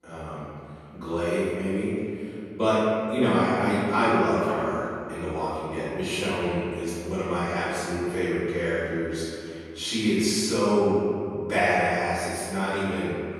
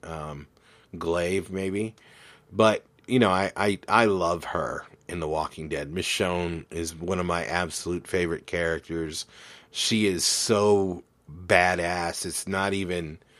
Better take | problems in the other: second | off-mic speech; far // room echo; strong; dies away in 2.3 s

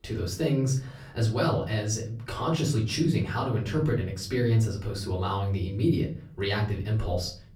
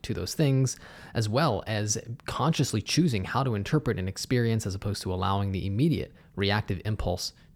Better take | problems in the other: second | room echo; slight; dies away in 0.4 s // off-mic speech; far

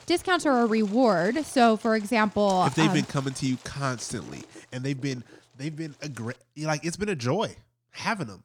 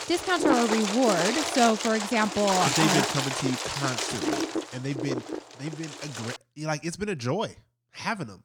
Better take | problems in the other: first | wind noise on the microphone; heavy; until 6.5 s; 1 dB below the speech; occasional gusts in the first

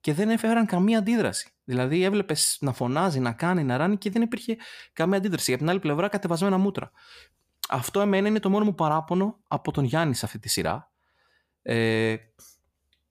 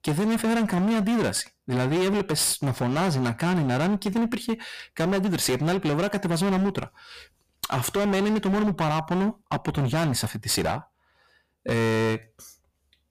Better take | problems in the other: first | distortion; heavy; 24% of the sound clipped

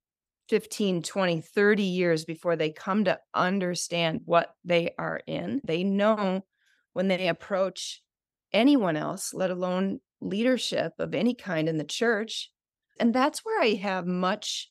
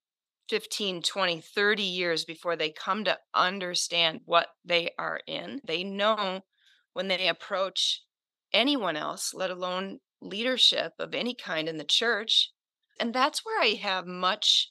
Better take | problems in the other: first | thin; somewhat; fading below 550 Hz

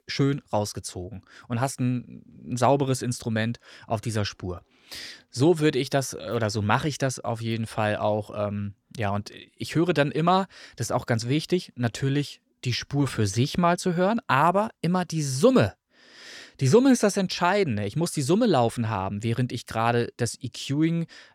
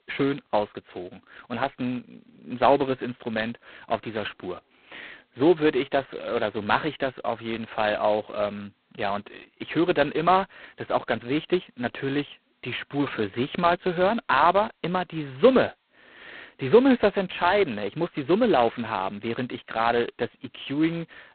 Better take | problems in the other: first | phone-call audio; poor line; nothing above 4 kHz

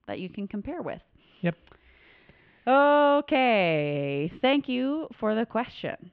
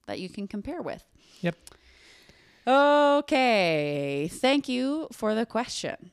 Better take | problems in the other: second | muffled; very; fading above 3 kHz

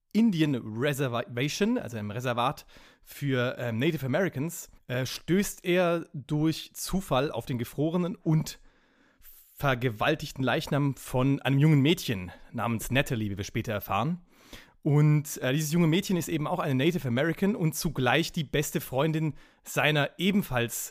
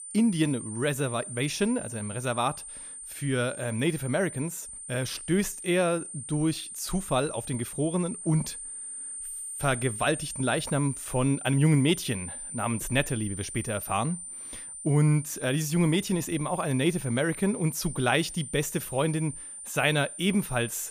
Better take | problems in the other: first | high-pitched whine; loud; throughout; 9 kHz, 9 dB below the speech

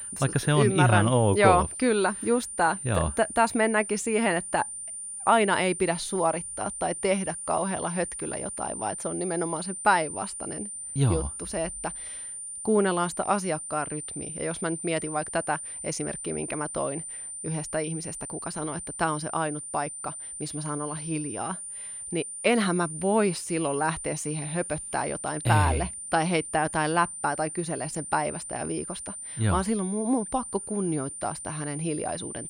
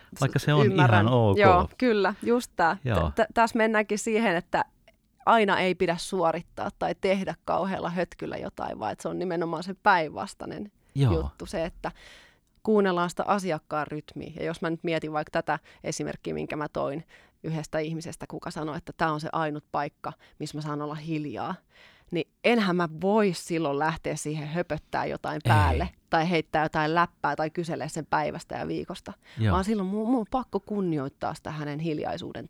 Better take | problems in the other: second | high-pitched whine; loud; throughout; 9 kHz, 7 dB below the speech

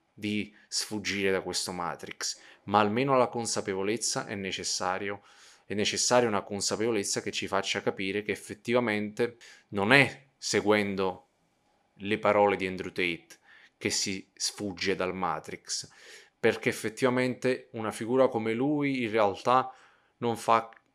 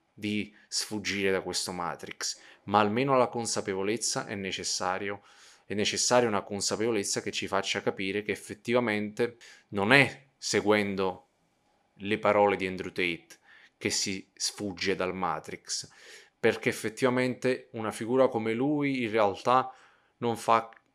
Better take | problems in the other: neither | none

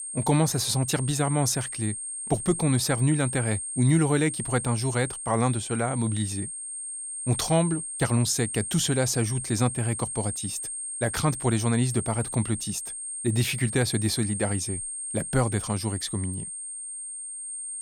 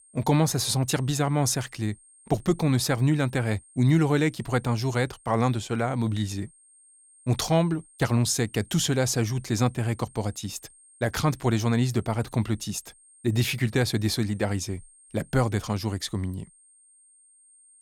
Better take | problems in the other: second | high-pitched whine; loud; throughout; 8.5 kHz, 6 dB below the speech; faint in the second

